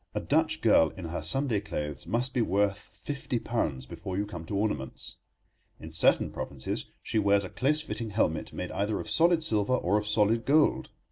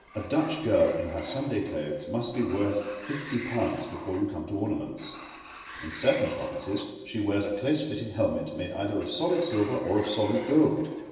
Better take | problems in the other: first | background sound (Sliding door); 17 dB below the speech // room echo; dies away in 1 s

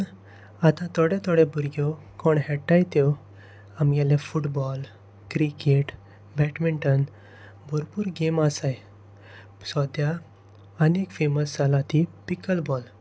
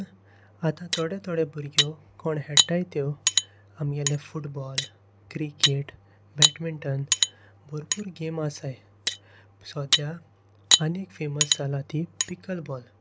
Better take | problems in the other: first | background sound (Cutlery, silverware); 3 dB above the speech

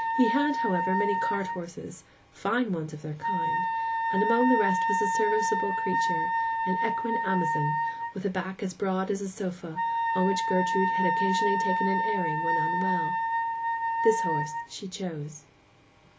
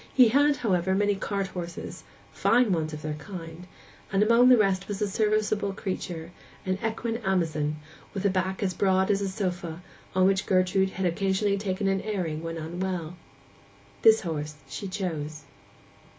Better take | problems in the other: second | background sound (Wind instrument, woodwind instrument); 2 dB above the speech

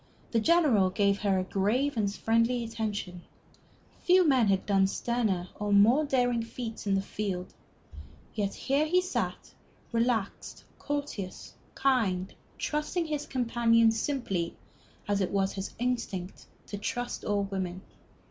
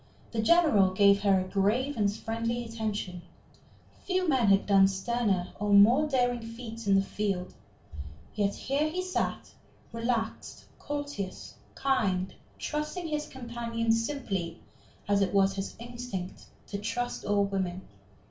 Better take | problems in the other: first | room echo; dies away in 0.3 s

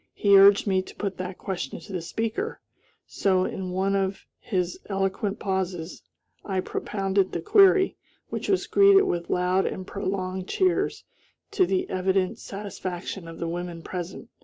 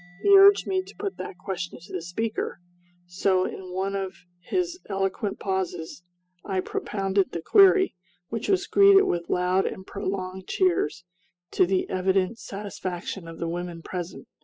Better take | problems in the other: first | noise reduction (classical method spectral subtraction)

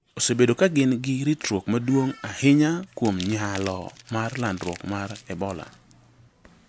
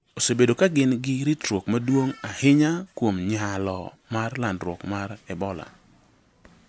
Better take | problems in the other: second | background sound (Crumpling, crinkling); 20 dB below the speech

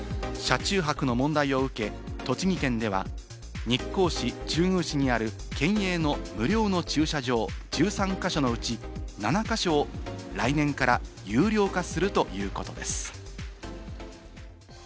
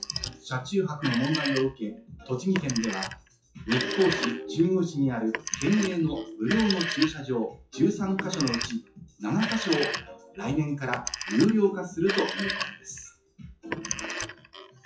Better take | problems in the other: first | noise reduction (classical method WPE with log-MMSE)

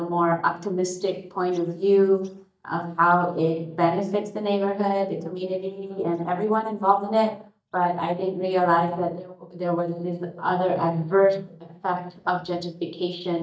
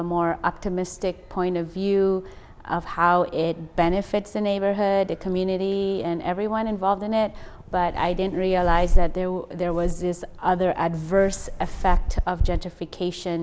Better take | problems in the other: second | noise reduction (neural mask model DeepFilterNet 3)

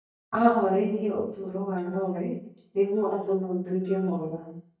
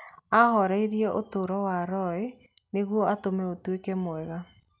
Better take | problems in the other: second | noise reduction (neural mask model DeepFilterNet 3)

